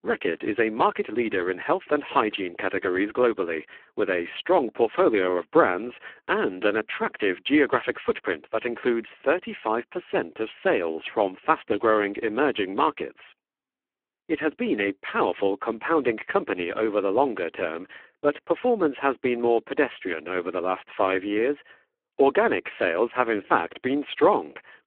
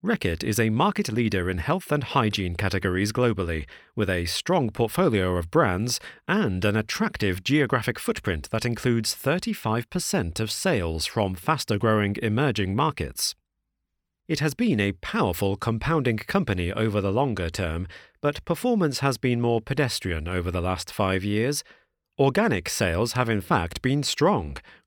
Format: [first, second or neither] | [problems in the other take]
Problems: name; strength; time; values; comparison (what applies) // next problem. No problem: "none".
second | phone-call audio; poor line